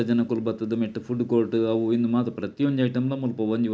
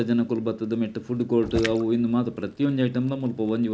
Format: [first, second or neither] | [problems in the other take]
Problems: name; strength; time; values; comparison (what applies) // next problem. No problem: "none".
first | background sound (Splash, splatter + Fire); 17 dB below the speech